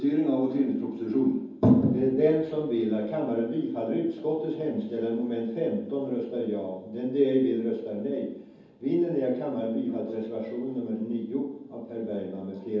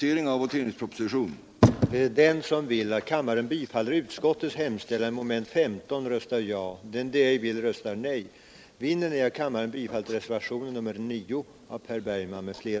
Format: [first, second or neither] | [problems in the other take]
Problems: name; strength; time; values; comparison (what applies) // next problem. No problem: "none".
second | room echo; dies away in 0.9 s